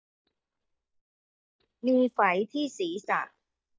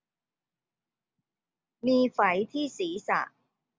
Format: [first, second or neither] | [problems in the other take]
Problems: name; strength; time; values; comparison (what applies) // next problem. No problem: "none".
second | noise reduction (neural mask model DeepFilterNet 3)